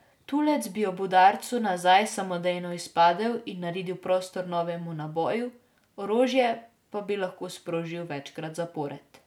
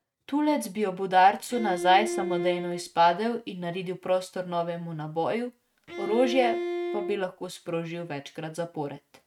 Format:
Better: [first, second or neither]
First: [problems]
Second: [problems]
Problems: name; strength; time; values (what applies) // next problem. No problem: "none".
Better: first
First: none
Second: noise reduction (neural mask model RNNoise)